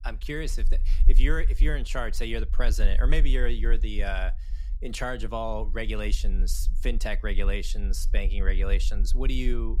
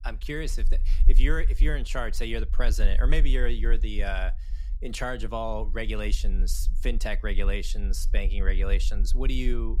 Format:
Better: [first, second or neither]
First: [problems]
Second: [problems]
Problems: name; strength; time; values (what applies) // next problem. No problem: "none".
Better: neither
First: low rumble; faint; throughout; 20 dB below the speech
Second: low rumble; faint; throughout; 20 dB below the speech